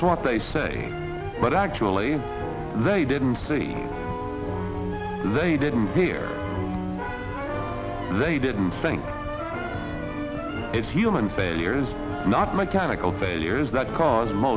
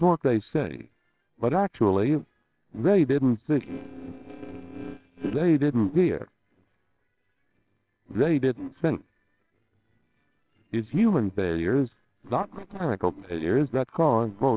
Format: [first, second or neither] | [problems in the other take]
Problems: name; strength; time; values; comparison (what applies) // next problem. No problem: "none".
first | noise reduction (neural separator model SepFormer WHAMR!)